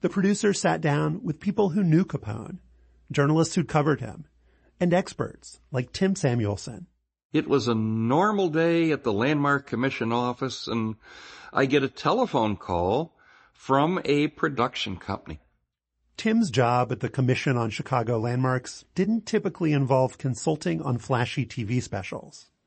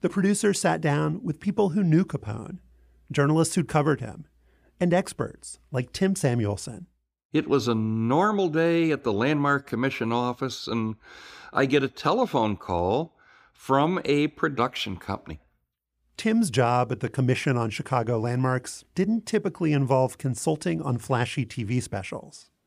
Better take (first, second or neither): second